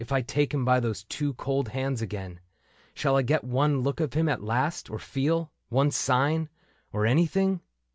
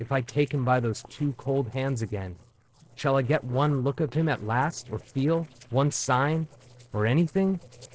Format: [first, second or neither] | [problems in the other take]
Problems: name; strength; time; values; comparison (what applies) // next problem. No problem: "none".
first | noise reduction (neural separator model SepFormer DNS4)